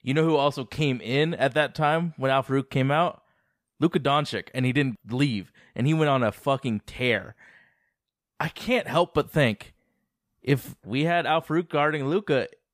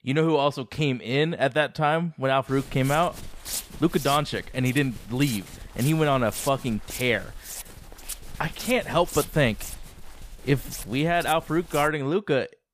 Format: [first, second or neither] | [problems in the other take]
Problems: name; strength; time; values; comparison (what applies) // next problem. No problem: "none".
first | footsteps; noticeable; from 2.5 to 12 s; peak 6 dB below the speech